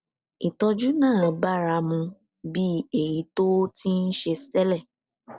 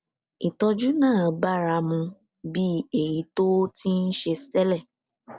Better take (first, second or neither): second